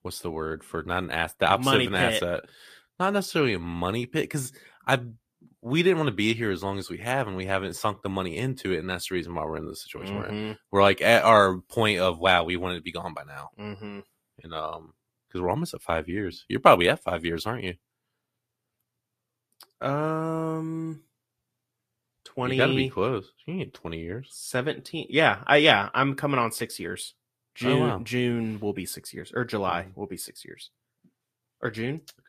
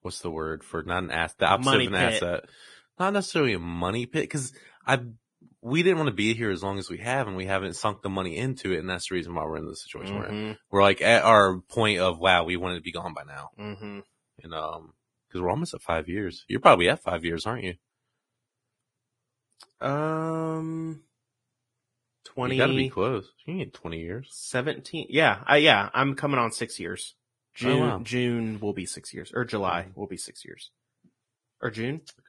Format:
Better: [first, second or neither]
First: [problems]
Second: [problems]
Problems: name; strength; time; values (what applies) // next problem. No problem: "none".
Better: first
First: garbled, watery; slightly; nothing above 14.5 kHz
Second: garbled, watery; badly